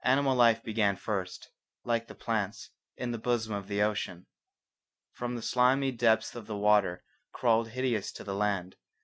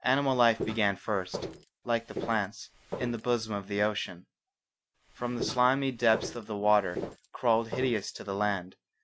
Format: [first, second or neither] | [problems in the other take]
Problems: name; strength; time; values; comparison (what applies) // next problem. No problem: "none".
first | background sound (Walk, footsteps); 11 dB below the speech